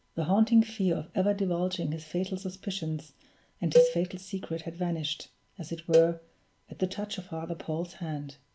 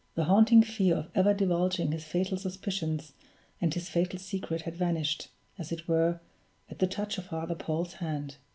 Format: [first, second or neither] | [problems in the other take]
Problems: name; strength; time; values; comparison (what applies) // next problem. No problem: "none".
second | background sound (Cowbell); 1 dB above the speech